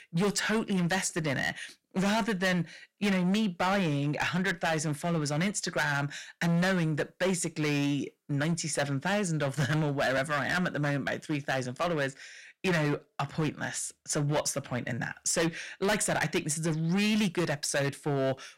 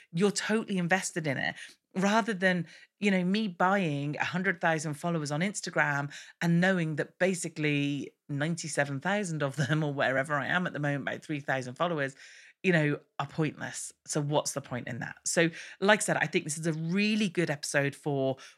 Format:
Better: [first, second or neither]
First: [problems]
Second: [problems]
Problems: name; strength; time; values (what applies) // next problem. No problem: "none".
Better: second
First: distortion; heavy; 13% of the sound clipped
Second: none